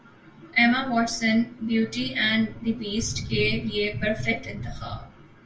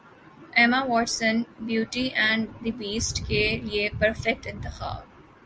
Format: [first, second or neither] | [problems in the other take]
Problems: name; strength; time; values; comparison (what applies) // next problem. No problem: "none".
second | room echo; dies away in 0.3 s